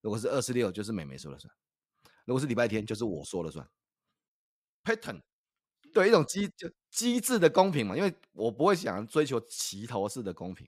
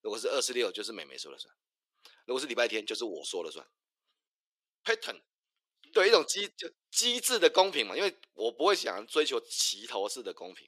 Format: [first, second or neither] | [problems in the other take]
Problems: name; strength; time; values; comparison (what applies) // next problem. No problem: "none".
first | thin; very; fading below 350 Hz